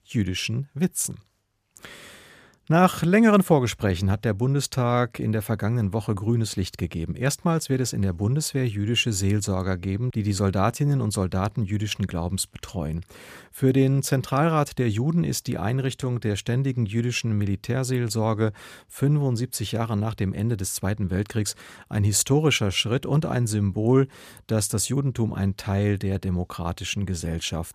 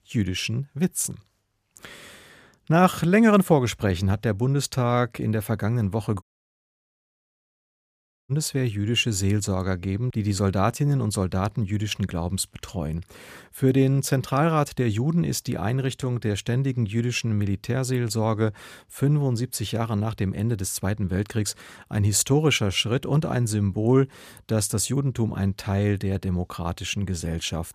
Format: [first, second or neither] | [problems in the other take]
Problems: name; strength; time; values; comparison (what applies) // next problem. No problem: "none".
first | audio cutting out; at 6 s for 2 s